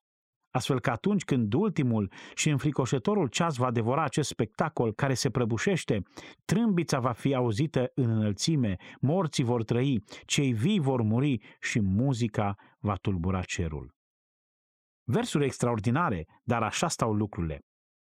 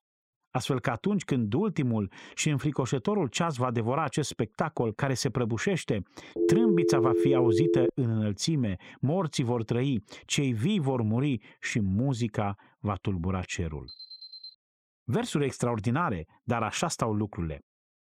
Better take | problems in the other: first | phone ringing; loud; from 6.5 to 8 s; peak 5 dB above the speech // alarm; faint; at 14 s; peak 15 dB below the speech

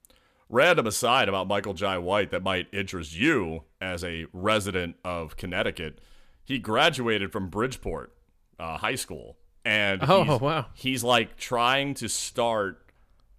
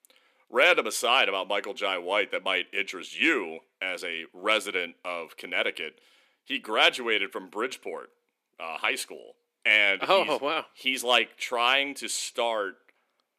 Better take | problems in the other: first | thin; somewhat; fading below 300 Hz

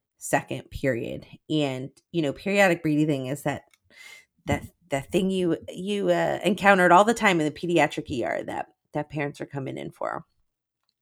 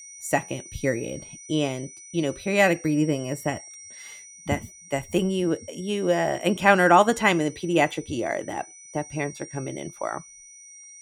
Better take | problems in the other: first | high-pitched whine; noticeable; throughout; 5.5 kHz, 20 dB below the speech

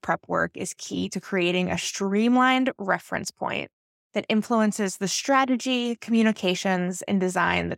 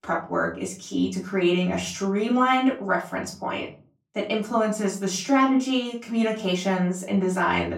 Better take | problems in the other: first | off-mic speech; far // room echo; slight; dies away in 0.3 s

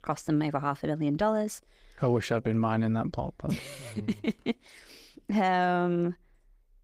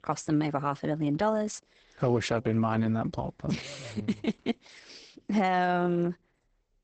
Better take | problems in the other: first | garbled, watery; badly; nothing above 8 kHz; slightly in the first

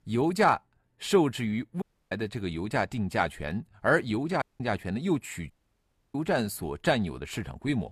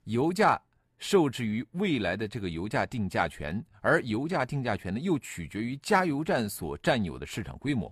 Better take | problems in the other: second | audio cutting out; at 2 s, at 4.5 s and at 5.5 s for 0.5 s

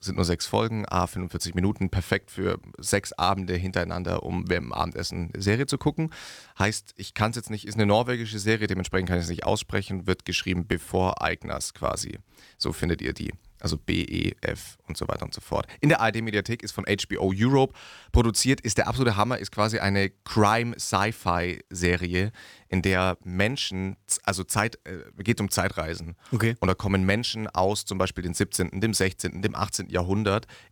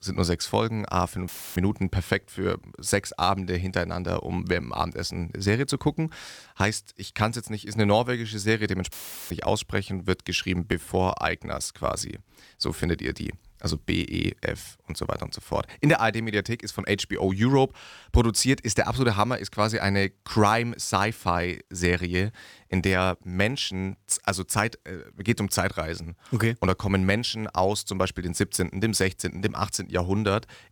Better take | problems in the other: first | audio cutting out; filled with static; at 1.5 s and at 9 s

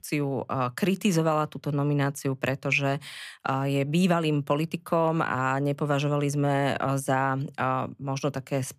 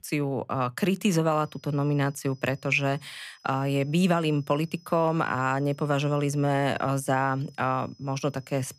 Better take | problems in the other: first | high-pitched whine; faint; from 1.5 s on; 5 kHz, 30 dB below the speech

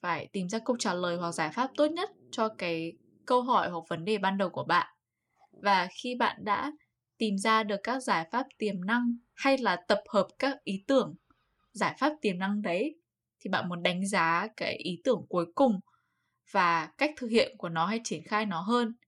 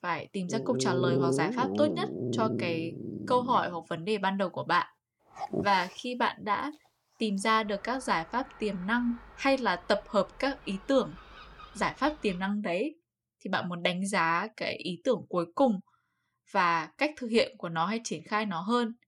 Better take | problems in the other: first | animal sounds; loud; until 12 s; 3 dB below the speech; faint in the first

